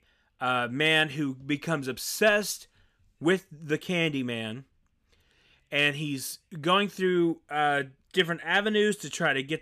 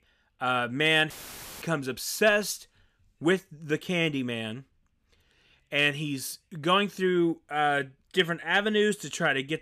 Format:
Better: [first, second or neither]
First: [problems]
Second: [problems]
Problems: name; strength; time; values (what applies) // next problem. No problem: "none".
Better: first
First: none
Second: audio cutting out; filled with static; at 1 s for 0.5 s